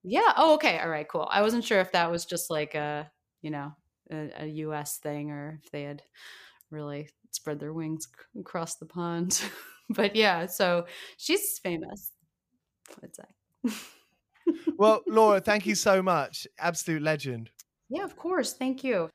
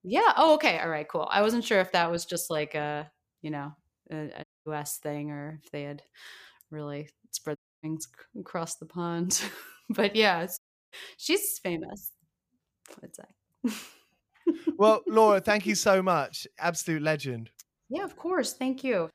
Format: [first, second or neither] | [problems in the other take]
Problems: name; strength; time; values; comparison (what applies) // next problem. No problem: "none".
first | audio cutting out; at 4.5 s, at 7.5 s and at 11 s